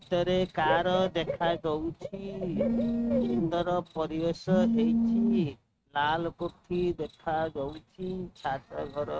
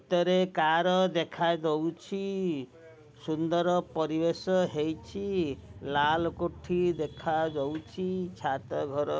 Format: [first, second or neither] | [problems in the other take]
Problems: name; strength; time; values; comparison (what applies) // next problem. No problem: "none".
second | noise reduction (neural mask model RNNoise)